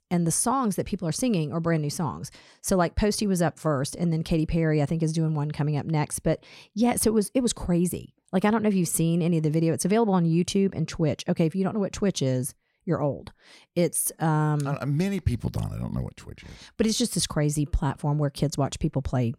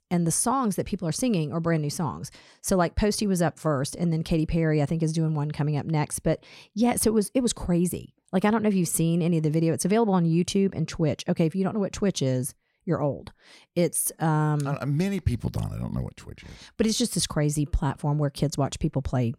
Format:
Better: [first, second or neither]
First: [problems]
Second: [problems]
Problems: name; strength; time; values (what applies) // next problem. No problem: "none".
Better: neither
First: none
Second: none